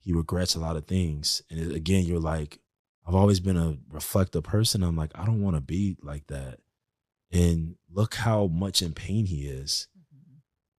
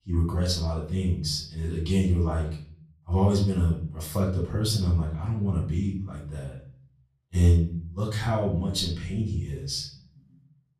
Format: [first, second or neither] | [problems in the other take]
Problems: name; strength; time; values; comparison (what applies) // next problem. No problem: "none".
first | off-mic speech; far // room echo; slight; dies away in 0.5 s